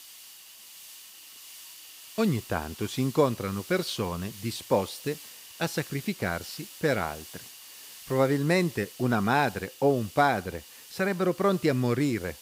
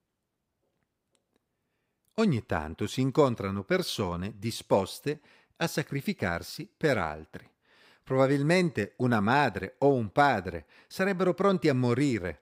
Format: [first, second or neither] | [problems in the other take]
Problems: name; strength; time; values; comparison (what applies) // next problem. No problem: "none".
second | hiss; noticeable; throughout; 15 dB below the speech